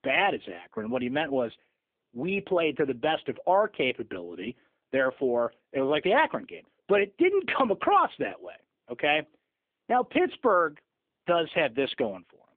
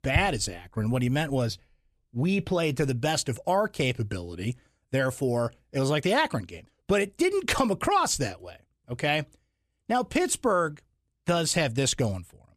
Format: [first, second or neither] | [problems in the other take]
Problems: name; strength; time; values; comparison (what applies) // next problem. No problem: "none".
second | phone-call audio; nothing above 3.5 kHz